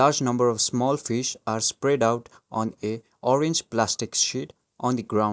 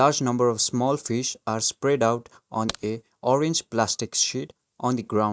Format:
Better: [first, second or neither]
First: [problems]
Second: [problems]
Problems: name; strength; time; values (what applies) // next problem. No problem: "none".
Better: first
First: none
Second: noise reduction (neural mask model RNNoise)